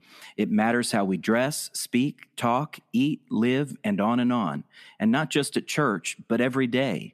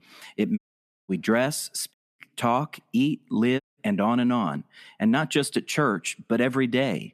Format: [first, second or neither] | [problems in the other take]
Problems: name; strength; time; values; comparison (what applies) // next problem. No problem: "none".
first | audio cutting out; at 0.5 s for 0.5 s, at 2 s and at 3.5 s